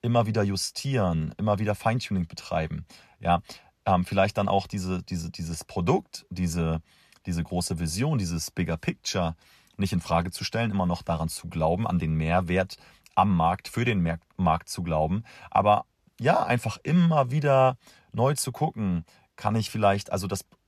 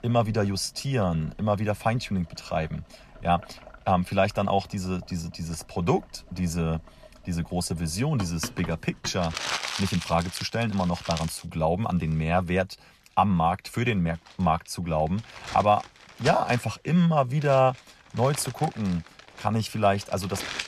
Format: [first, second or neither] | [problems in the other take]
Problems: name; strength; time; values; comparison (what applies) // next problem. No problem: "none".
first | household noises; noticeable; throughout; 10 dB below the speech